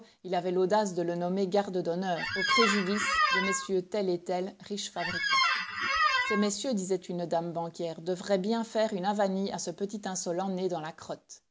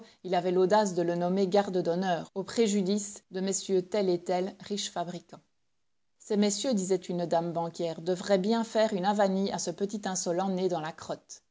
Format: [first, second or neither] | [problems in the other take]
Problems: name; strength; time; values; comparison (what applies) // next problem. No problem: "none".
second | background sound (Squeak); 3 dB above the speech